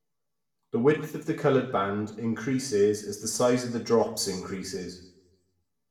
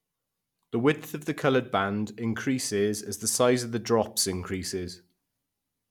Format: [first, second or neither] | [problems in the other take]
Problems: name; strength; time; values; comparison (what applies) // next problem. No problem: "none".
second | room echo; dies away in 0.6 s